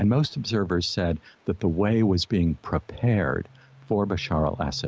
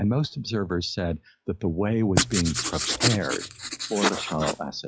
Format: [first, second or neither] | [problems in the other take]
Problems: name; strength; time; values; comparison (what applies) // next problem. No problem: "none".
first | noise reduction (classical method log-MMSE)